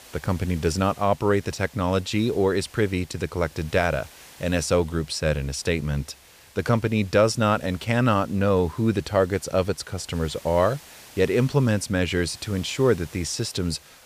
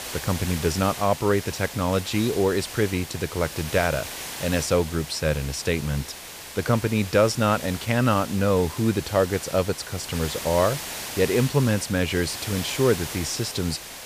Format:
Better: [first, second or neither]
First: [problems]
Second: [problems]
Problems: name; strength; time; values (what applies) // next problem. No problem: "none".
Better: first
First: hiss; faint; throughout; 25 dB below the speech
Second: hiss; loud; throughout; 10 dB below the speech